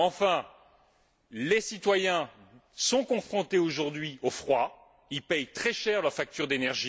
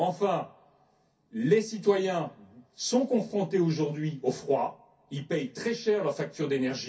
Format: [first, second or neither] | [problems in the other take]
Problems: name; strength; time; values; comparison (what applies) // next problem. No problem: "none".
first | room echo; dies away in 0.3 s